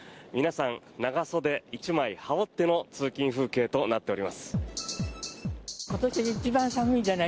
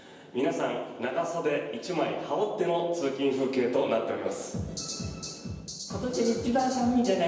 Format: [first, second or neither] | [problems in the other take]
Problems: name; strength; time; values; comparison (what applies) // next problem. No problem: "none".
first | room echo; dies away in 1 s